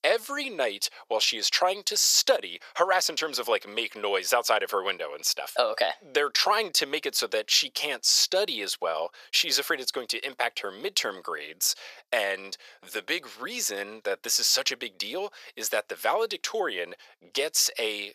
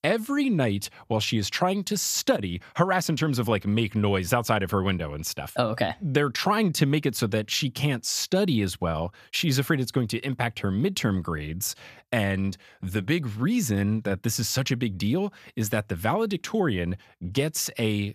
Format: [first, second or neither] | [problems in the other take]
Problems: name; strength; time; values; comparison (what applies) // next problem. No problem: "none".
second | thin; very; fading below 500 Hz